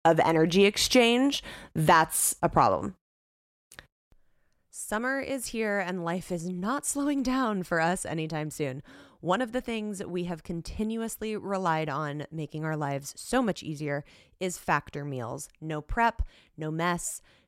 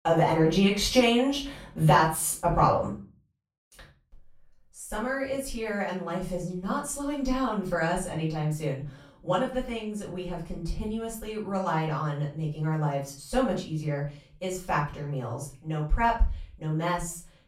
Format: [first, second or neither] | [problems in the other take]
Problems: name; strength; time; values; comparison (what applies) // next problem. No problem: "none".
first | off-mic speech; far // room echo; slight; dies away in 0.3 s